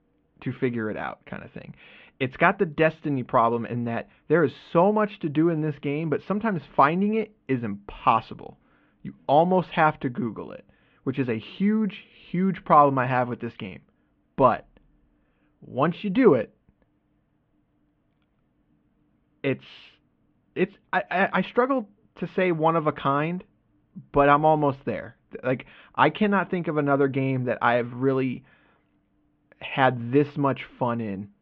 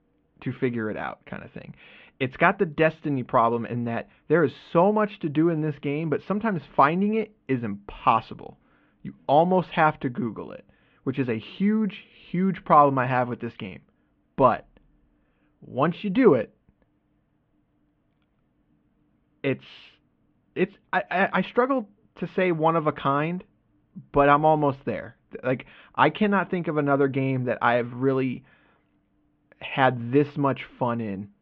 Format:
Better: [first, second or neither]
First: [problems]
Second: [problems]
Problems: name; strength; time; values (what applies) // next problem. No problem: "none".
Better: neither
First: muffled; very; fading above 3 kHz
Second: muffled; very; fading above 3 kHz